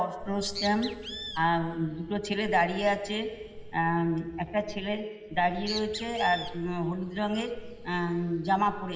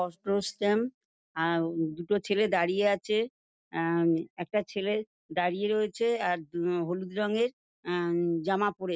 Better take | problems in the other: second | background sound (Bird); 13 dB below the speech // room echo; dies away in 2.2 s

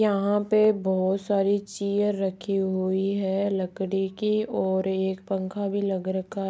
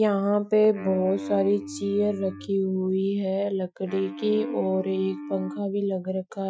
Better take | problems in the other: first | noise reduction (classical method Wiener filter)

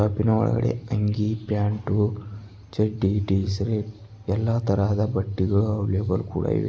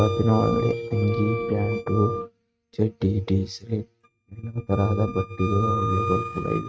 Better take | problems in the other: first | noise reduction (neural mask model RNNoise)

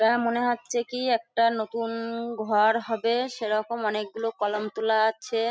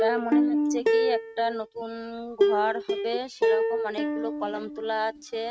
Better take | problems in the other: first | noise reduction (neural mask model RNNoise)

